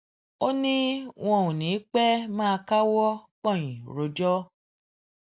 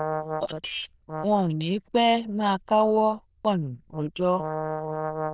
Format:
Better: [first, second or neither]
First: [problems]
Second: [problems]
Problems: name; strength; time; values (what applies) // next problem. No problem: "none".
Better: first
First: none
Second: noise reduction (neural diffusion model UNIVERSE++)